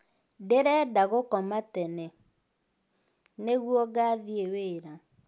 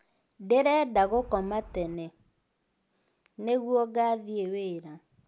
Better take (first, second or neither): first